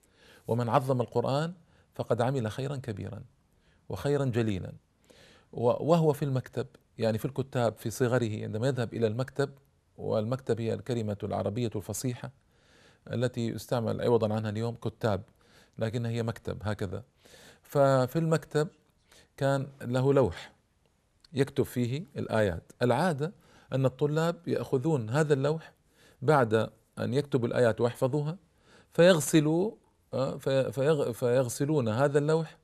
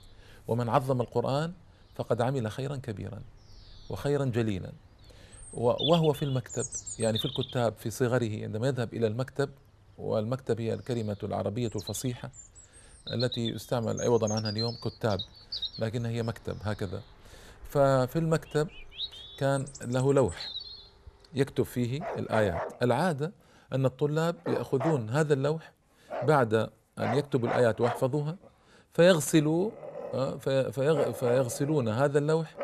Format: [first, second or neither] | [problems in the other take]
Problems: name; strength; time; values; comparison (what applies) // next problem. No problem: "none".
first | animal sounds; loud; throughout; 9 dB below the speech